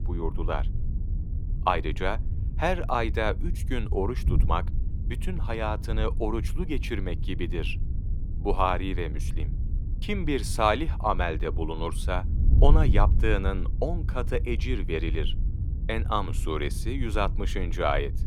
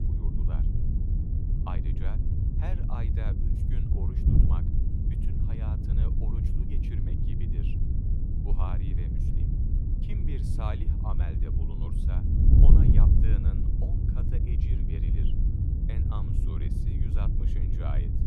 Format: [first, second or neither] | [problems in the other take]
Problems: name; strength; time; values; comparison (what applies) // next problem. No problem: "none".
first | wind noise on the microphone; heavy; 3 dB above the speech; occasional gusts in the first